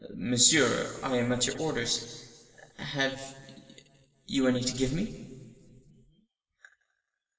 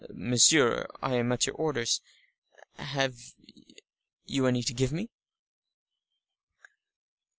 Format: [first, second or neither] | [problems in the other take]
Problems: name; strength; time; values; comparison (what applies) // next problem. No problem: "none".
second | room echo; dies away in 2.5 s